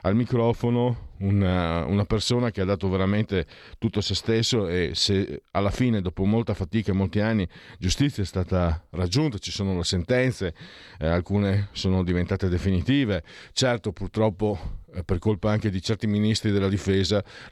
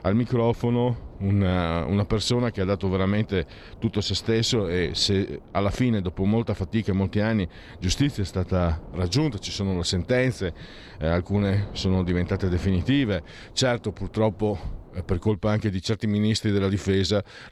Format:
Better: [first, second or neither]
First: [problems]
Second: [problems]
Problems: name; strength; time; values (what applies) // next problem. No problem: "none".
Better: first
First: none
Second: wind noise on the microphone; occasional gusts; until 15 s; 20 dB below the speech